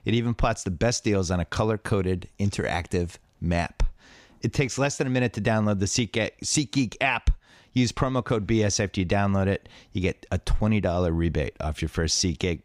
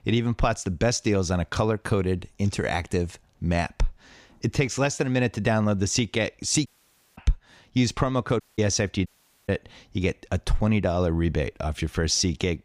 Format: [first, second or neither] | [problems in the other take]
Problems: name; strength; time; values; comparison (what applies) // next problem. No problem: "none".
first | audio cutting out; at 6.5 s for 0.5 s, at 8.5 s and at 9 s